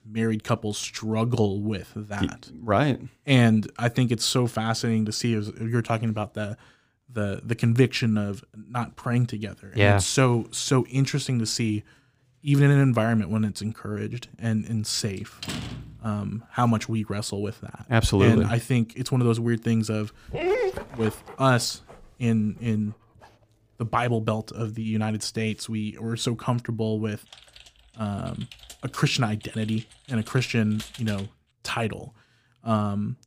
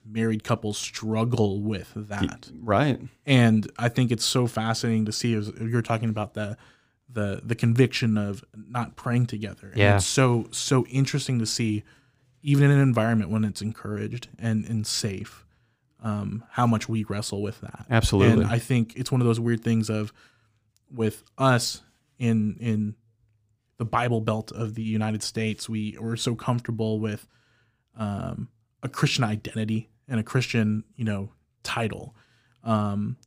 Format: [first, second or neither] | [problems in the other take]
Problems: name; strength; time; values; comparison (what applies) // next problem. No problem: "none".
second | door banging; noticeable; at 15 s; peak 8 dB below the speech // dog barking; loud; from 20 to 21 s; peak 1 dB above the speech // keyboard typing; faint; from 27 to 31 s; peak 15 dB below the speech